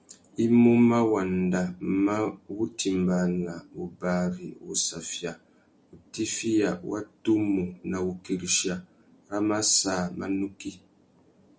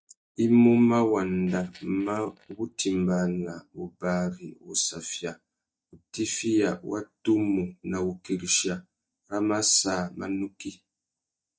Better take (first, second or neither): first